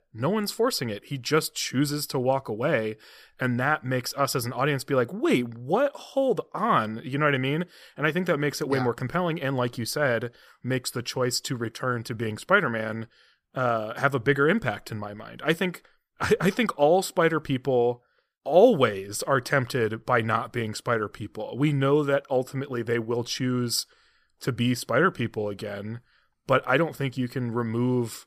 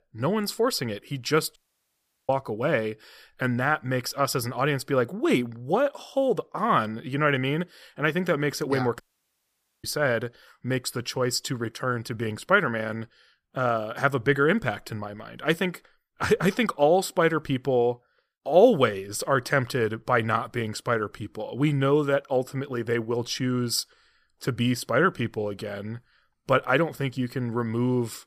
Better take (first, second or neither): first